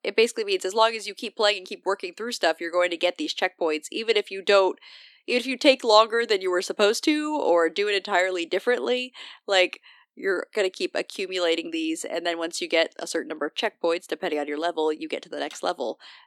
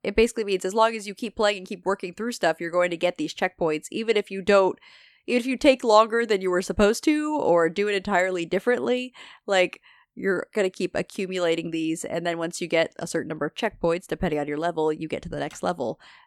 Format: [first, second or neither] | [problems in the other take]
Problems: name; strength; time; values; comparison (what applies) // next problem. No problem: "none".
second | thin; very slightly; fading below 250 Hz